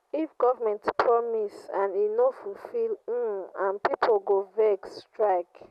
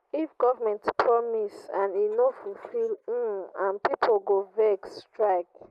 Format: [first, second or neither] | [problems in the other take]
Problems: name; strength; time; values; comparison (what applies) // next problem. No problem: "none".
first | noise reduction (neural mask model Resemble Enhance denoiser)